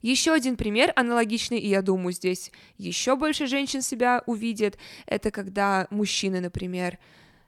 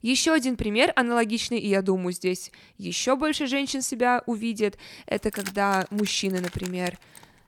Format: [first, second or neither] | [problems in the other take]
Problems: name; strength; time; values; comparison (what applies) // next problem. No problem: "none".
first | jangling keys; faint; from 5 s on; peak 10 dB below the speech